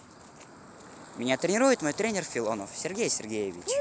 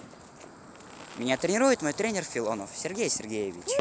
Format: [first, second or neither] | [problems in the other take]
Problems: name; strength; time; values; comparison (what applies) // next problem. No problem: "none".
first | background sound (Fireworks); 16 dB below the speech